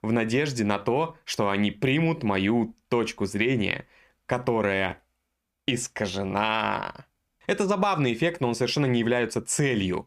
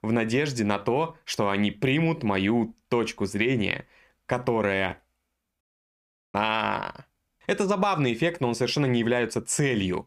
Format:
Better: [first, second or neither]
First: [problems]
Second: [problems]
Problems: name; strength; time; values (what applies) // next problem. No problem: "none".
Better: first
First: none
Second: audio cutting out; at 5.5 s for 0.5 s